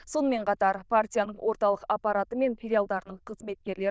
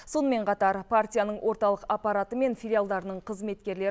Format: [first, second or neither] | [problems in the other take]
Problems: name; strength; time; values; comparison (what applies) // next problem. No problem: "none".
second | noise reduction (neural diffusion model UNIVERSE++)